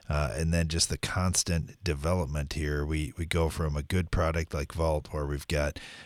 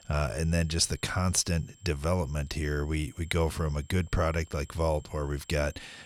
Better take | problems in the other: first | high-pitched whine; faint; throughout; 7.5 kHz, 25 dB below the speech

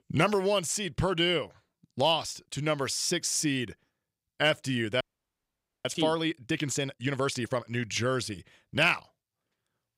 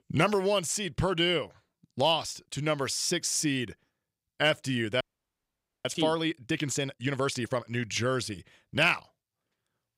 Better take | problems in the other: neither | audio freezing; at 5 s for 1 s; the same in both

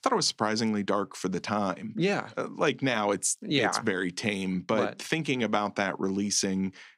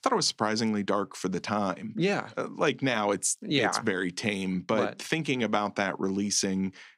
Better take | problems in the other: neither | none

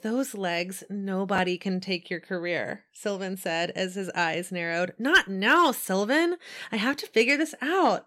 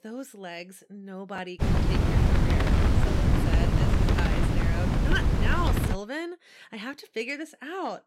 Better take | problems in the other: first | wind noise on the microphone; heavy; from 1.5 to 6 s; 3 dB above the speech

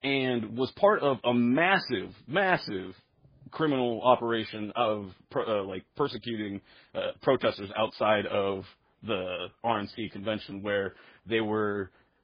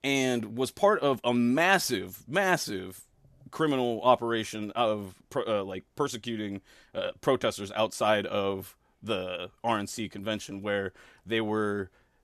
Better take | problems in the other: second | garbled, watery; badly; nothing above 5 kHz

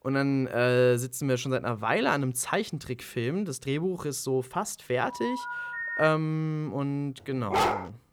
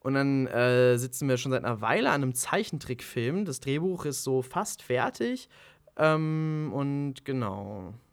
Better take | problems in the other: second | phone ringing; noticeable; from 5 to 6 s; peak 3 dB below the speech // dog barking; loud; at 7.5 s; peak 2 dB above the speech

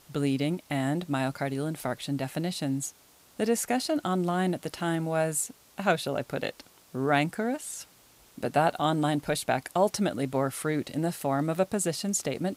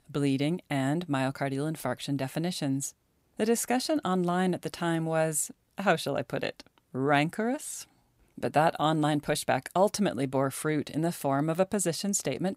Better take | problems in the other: second | hiss; faint; throughout; 25 dB below the speech

